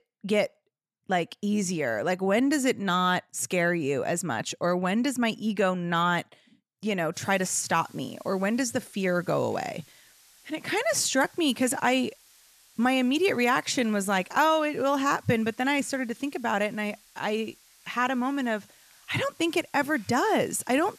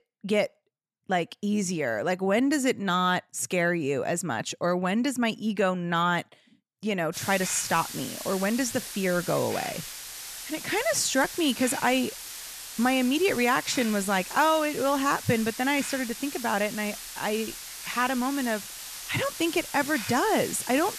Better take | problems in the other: first | hiss; loud; from 7 s on; 9 dB below the speech; faint in the first

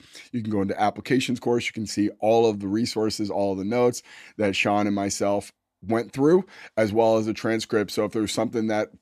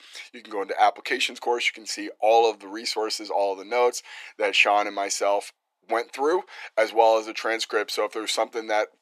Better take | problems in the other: first | thin; very; fading below 450 Hz

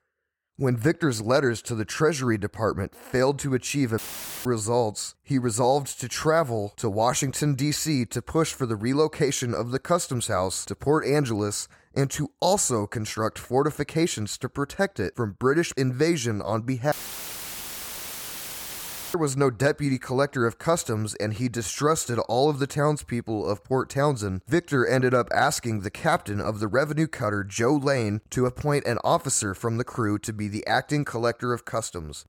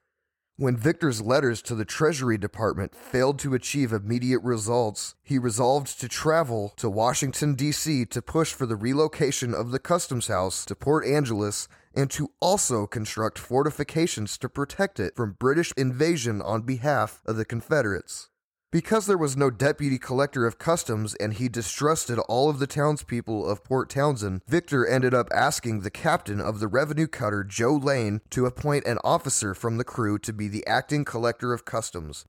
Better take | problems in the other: second | audio cutting out; filled with static; at 4 s and at 17 s for 2 s

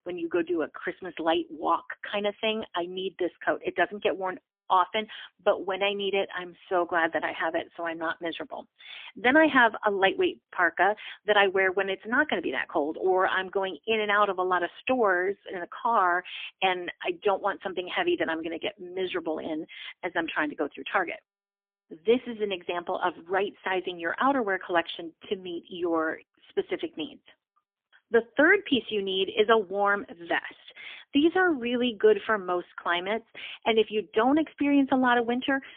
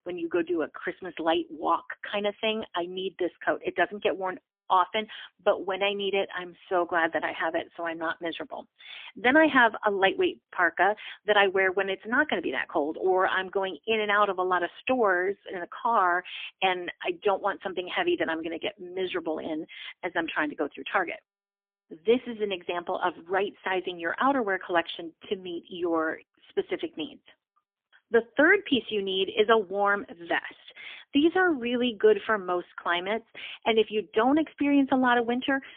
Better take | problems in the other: neither | phone-call audio; poor line; nothing above 3.5 kHz; the same in both

